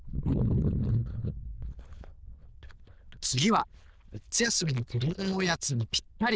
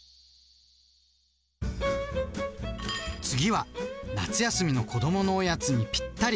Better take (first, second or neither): second